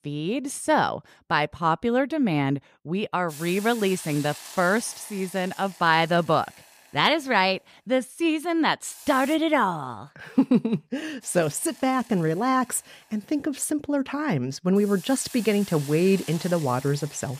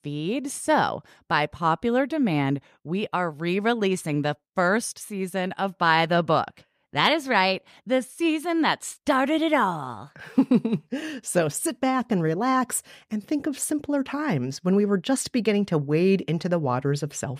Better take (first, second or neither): second